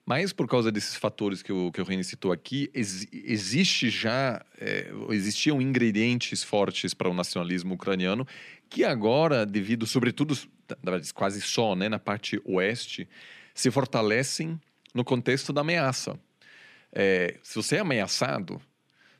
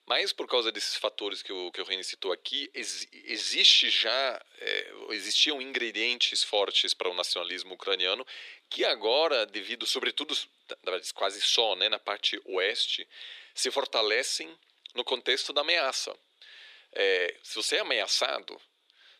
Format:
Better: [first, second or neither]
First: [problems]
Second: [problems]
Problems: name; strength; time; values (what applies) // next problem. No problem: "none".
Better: first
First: none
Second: thin; very; fading below 400 Hz